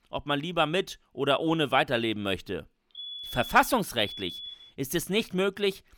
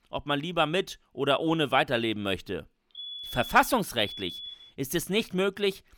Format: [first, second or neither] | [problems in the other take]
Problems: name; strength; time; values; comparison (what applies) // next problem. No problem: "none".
neither | alarm; noticeable; from 3 to 4.5 s; peak 9 dB below the speech; the same in both